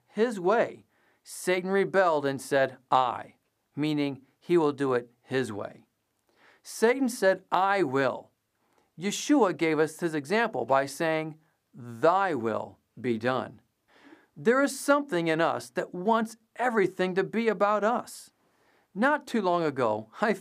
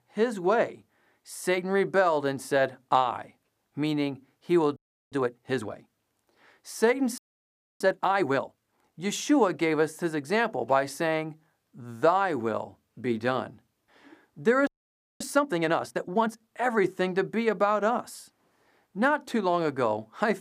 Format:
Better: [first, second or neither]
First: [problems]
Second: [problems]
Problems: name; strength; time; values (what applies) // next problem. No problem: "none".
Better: first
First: none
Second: audio freezing; at 5 s, at 7 s for 0.5 s and at 15 s for 0.5 s